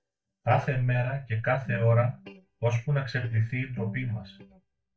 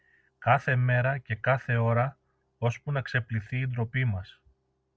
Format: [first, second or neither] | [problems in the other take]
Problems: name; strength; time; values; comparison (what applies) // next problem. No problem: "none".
second | noise reduction (neural mask model DeepFilterNet 3)